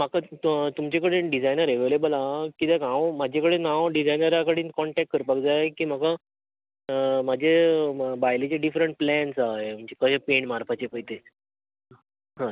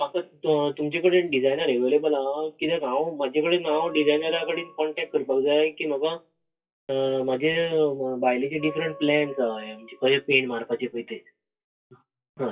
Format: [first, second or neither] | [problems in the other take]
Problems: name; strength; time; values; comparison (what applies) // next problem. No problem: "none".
first | noise reduction (classical method WPE with log-MMSE)